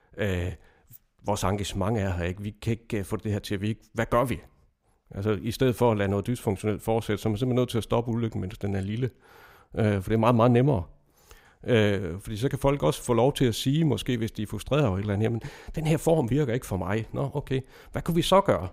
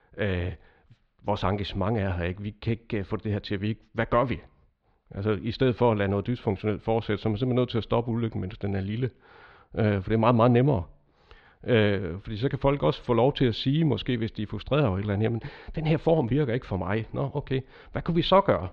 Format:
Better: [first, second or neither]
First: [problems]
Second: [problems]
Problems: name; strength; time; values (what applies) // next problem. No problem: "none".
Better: first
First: none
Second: muffled; very slightly; fading above 4 kHz